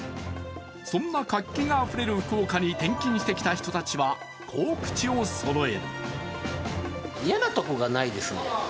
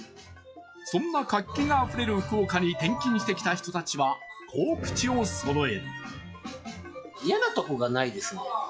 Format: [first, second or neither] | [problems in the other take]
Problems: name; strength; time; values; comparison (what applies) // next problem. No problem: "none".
first | noise reduction (classical method log-MMSE)